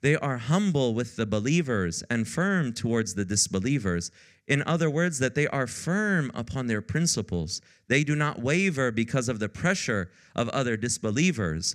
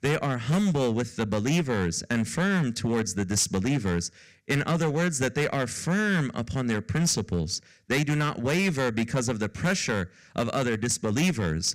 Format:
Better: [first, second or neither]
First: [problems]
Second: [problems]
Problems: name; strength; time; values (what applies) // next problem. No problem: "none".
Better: first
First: none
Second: distortion; slight; 11% of the sound clipped